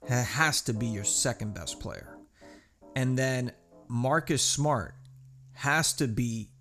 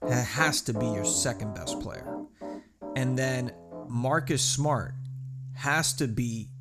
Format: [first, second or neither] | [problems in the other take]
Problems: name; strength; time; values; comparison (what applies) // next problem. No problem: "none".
first | background music; loud; throughout; 10 dB below the speech; faint in the first